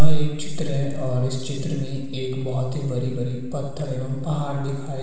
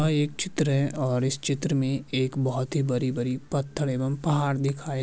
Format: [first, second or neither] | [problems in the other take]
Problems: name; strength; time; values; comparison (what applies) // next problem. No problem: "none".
second | room echo; dies away in 1.3 s